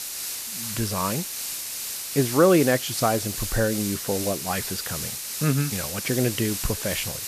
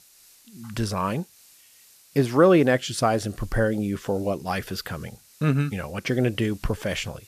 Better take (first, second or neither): second